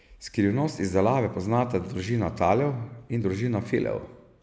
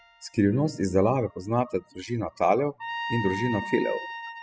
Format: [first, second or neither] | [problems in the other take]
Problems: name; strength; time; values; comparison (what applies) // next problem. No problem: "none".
first | noise reduction (classical method spectral subtraction)